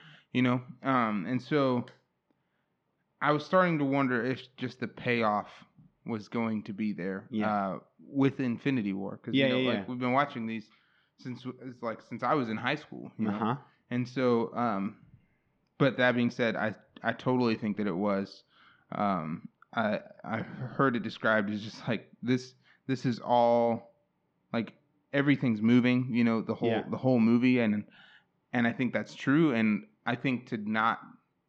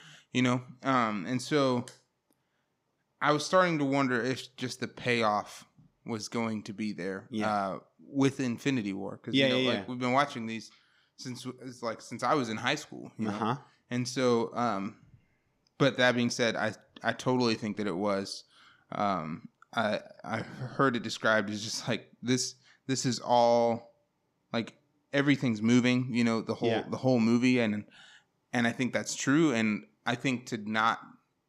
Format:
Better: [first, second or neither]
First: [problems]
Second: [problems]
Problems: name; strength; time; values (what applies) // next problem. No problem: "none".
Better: second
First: muffled; slightly; fading above 3 kHz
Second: none